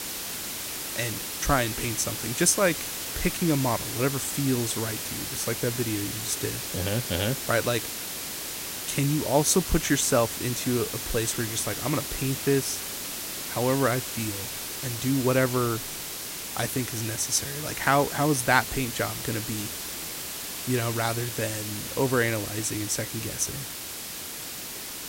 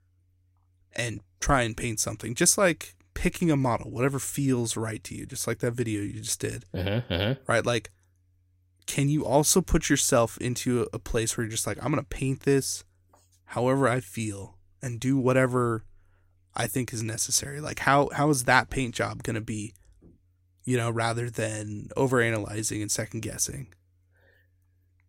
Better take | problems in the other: second | hiss; loud; throughout; 4 dB below the speech

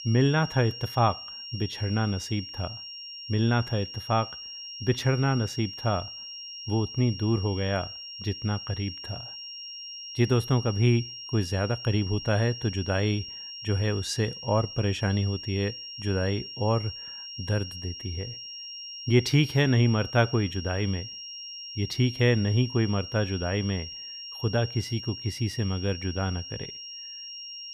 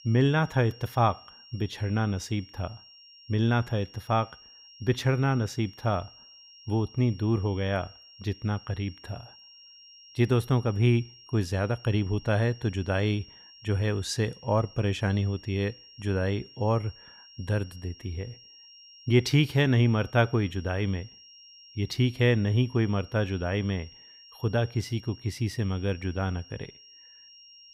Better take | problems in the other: second | high-pitched whine; loud; throughout; 5.5 kHz, 10 dB below the speech; faint in the second

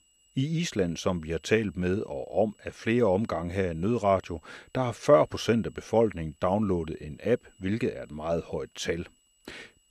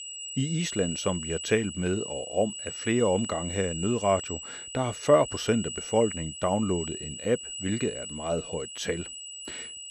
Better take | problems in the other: first | high-pitched whine; loud; throughout; 8 kHz, 7 dB below the speech; faint in the first

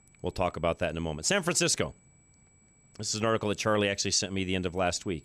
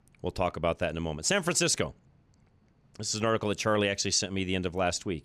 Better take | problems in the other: second | high-pitched whine; faint; throughout; 8 kHz, 35 dB below the speech

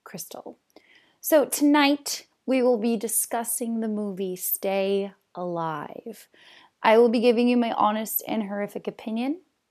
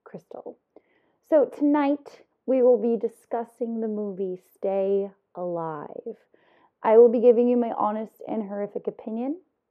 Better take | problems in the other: first | muffled; very; fading above 3 kHz

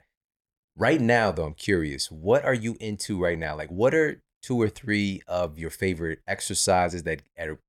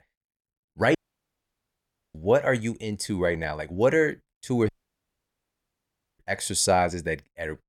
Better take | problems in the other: first | audio cutting out; at 1 s for 1 s and at 4.5 s for 1.5 s

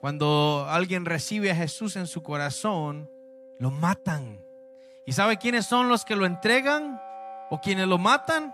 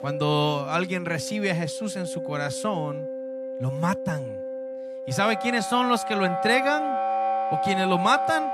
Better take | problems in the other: first | background music; loud; throughout; 4 dB below the speech; faint in the first

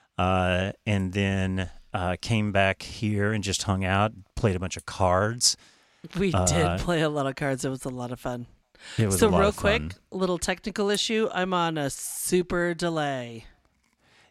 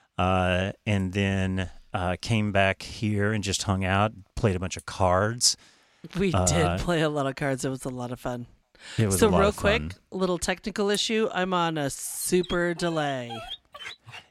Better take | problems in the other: first | dog barking; faint; from 12 s on; peak 10 dB below the speech

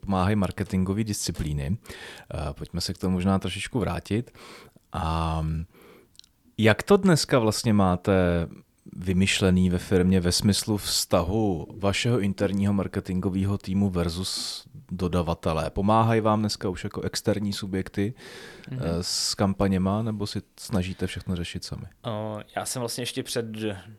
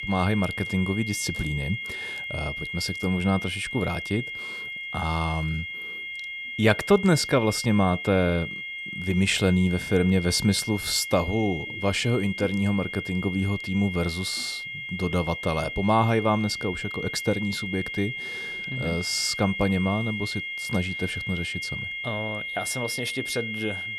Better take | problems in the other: first | high-pitched whine; loud; throughout; 2 kHz, 6 dB below the speech

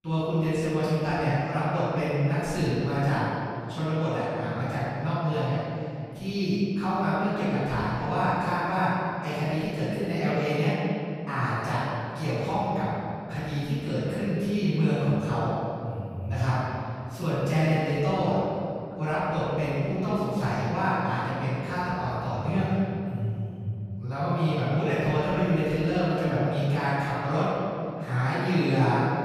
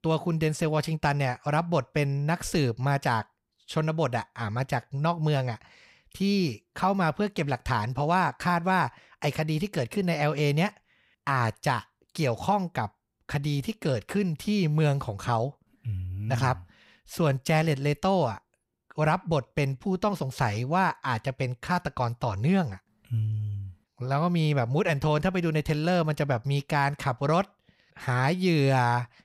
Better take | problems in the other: second | off-mic speech; far // room echo; strong; dies away in 2.5 s

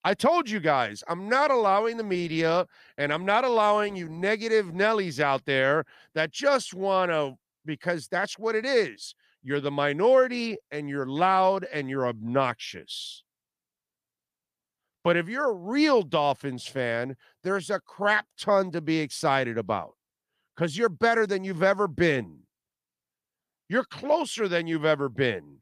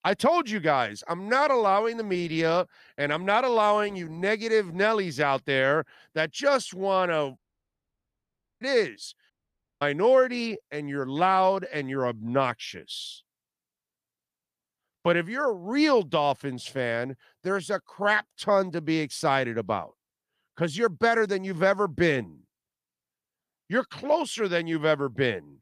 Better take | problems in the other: first | audio cutting out; at 7.5 s for 1 s and at 9.5 s for 0.5 s

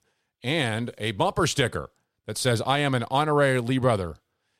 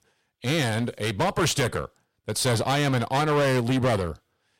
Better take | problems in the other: first | distortion; heavy; 16% of the sound clipped

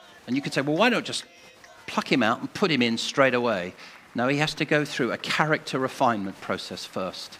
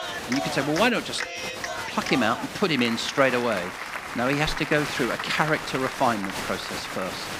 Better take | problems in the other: first | crowd noise; loud; throughout; 6 dB below the speech; faint in the first

